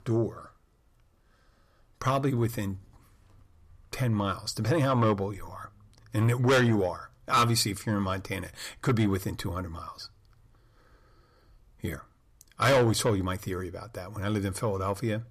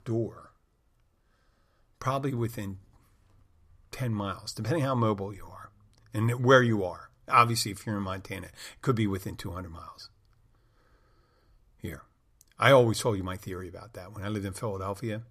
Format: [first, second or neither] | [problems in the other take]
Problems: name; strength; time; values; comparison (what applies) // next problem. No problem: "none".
second | distortion; heavy; 6 dB below the speech